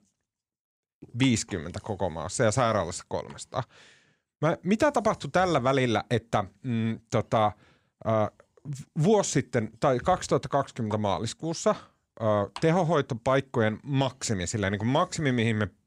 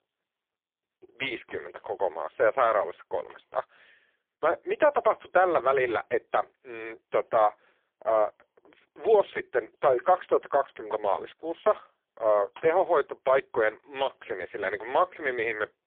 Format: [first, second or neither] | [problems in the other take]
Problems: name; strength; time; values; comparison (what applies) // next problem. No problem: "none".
first | phone-call audio; poor line